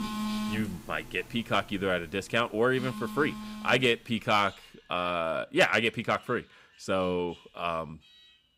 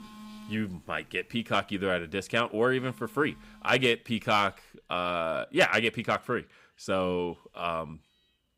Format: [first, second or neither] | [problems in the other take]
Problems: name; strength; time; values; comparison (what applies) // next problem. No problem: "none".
second | alarms or sirens; loud; throughout; 10 dB below the speech; faint in the second